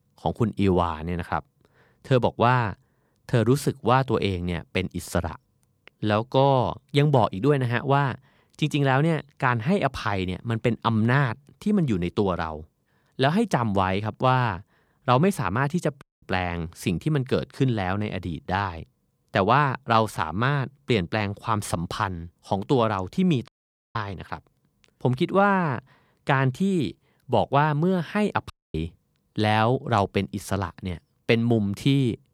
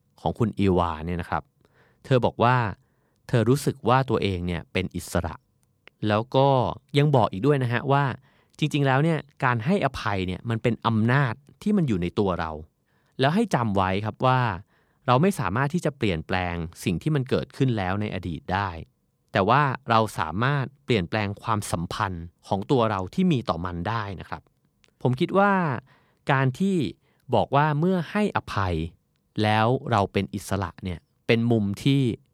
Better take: second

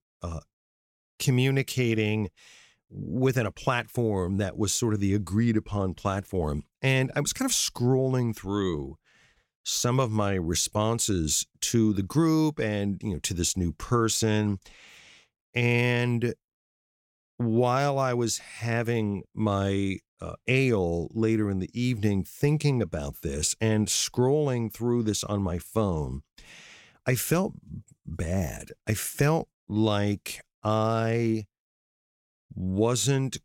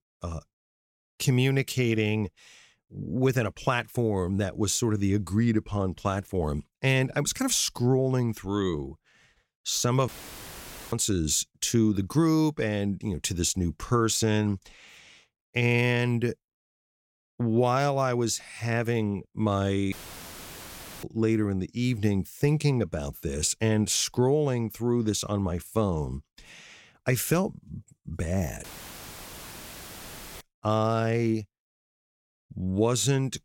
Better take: first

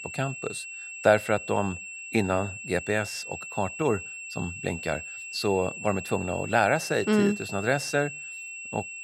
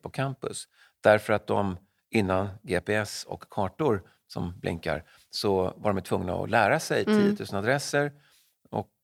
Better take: second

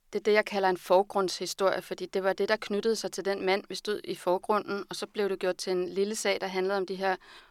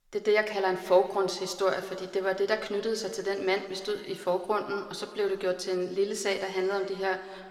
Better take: first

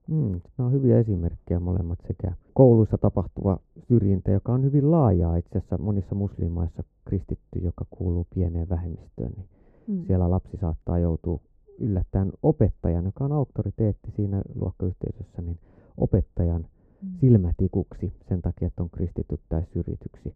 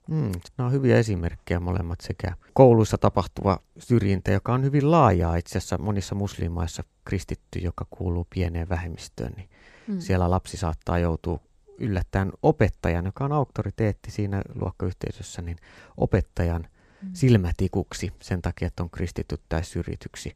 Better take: second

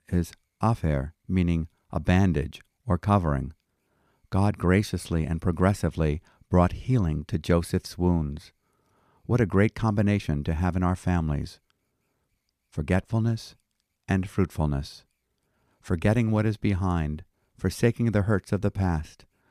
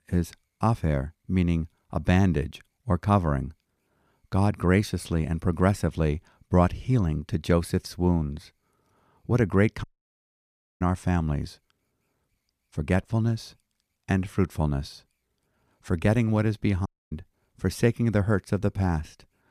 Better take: first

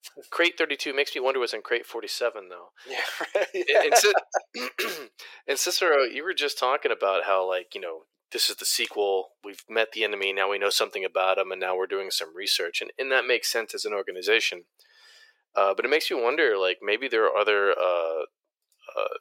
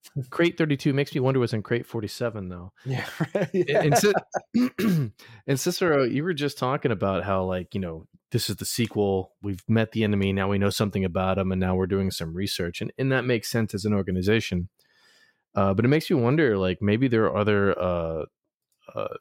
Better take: second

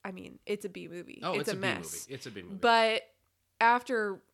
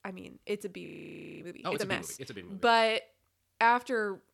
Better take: first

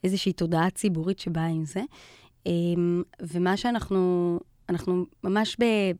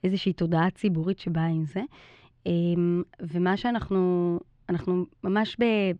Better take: first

